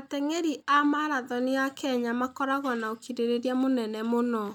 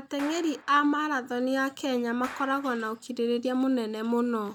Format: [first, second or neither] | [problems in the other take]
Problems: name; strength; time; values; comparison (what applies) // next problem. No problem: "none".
first | background sound (Clapping); 20 dB below the speech